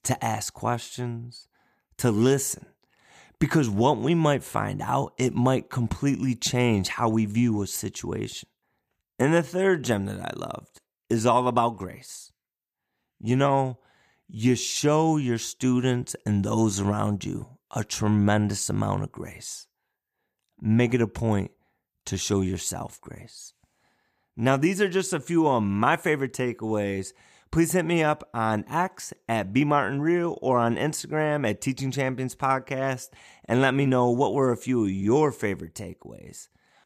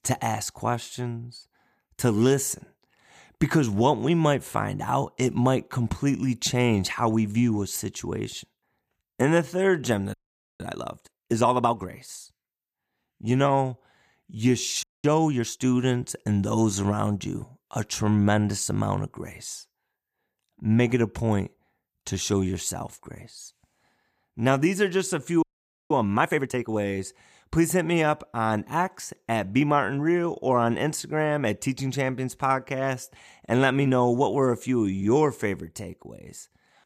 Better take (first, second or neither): first